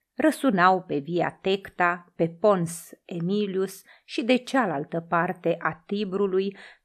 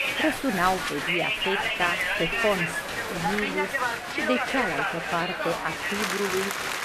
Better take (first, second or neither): first